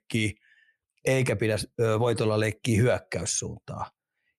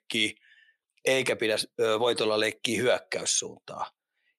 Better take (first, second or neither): first